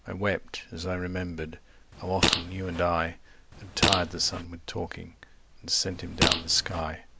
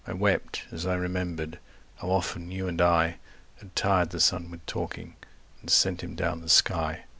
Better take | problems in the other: second | background sound (Fart); 2 dB above the speech

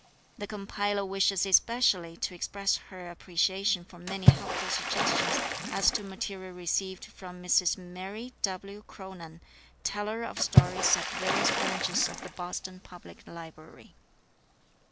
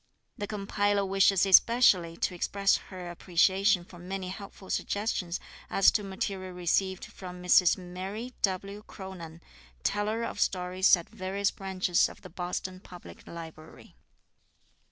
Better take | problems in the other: second | background sound (Water / Splash, splatter); 1 dB above the speech

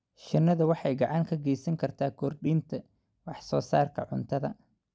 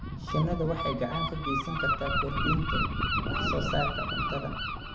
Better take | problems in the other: first | background sound (Gull, seagull); 3 dB above the speech // room echo; dies away in 0.4 s

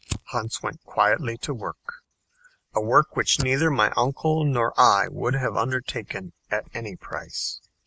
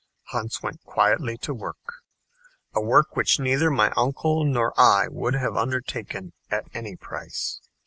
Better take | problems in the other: second | background sound (Fire); 18 dB below the speech

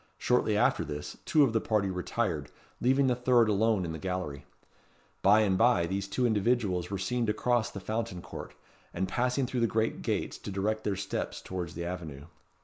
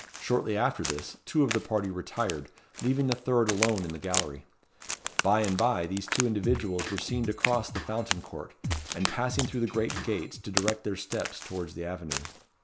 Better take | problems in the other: first | background sound (Crack + Drum kit); 6 dB below the speech

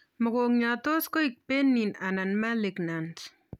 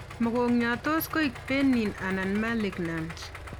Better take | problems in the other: first | background sound (Idling); 13 dB below the speech

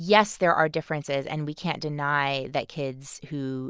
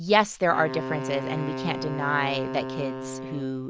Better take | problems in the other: first | background sound (Wind instrument, woodwind instrument); 6 dB below the speech

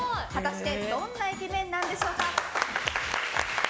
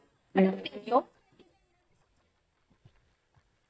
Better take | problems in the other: first | noise reduction (neural mask model DeepFilterNet 3)

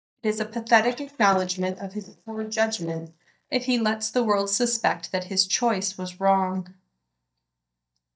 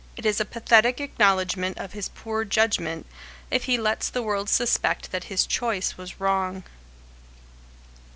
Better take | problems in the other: second | noise reduction (neural mask model DeepFilterNet 3)

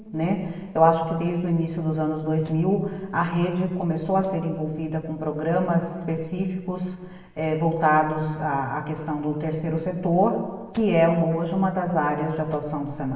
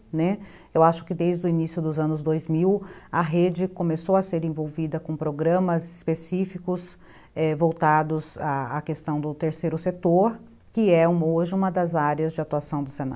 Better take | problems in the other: second | noise reduction (neural separator model SepFormer DNS4)

